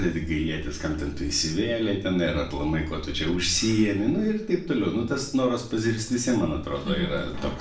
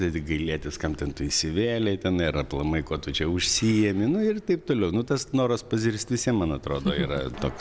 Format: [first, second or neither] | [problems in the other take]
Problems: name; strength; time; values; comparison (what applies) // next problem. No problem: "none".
second | room echo; dies away in 0.4 s